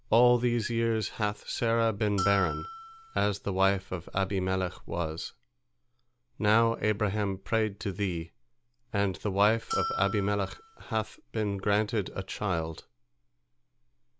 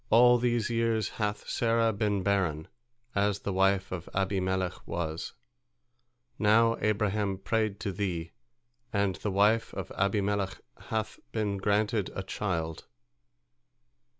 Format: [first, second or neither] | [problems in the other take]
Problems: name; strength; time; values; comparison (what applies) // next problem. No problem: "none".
second | background sound (Bell); 6 dB below the speech